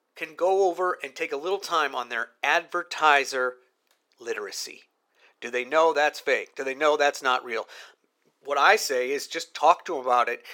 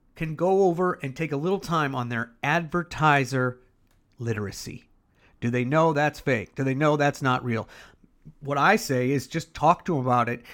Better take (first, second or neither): second